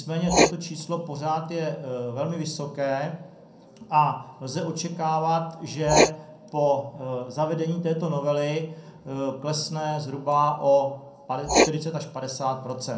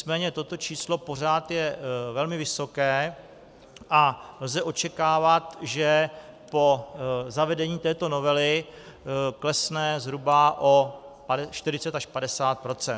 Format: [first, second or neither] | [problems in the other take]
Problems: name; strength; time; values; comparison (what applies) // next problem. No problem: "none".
second | background sound (Writing); 4 dB below the speech // room echo; dies away in 0.5 s